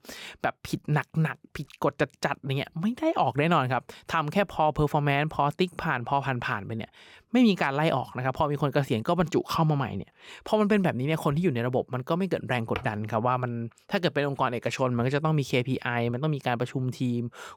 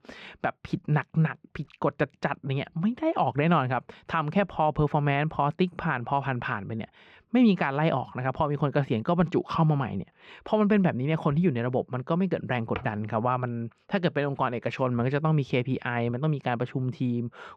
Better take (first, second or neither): first